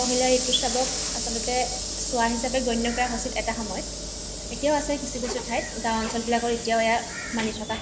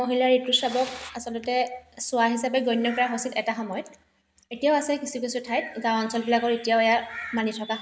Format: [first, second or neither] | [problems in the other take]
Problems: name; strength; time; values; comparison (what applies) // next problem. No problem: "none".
second | background sound (Sliding door / Hiss); 4 dB below the speech